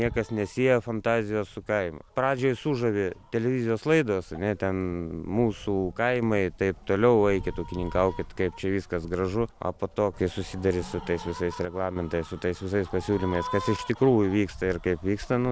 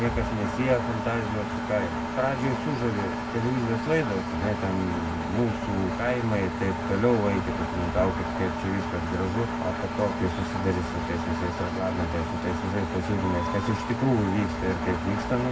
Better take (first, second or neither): first